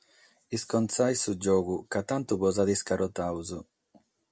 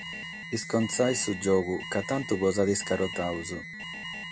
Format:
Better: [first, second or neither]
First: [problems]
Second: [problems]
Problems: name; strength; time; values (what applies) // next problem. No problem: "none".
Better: first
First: none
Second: background sound (Alarm); 10 dB below the speech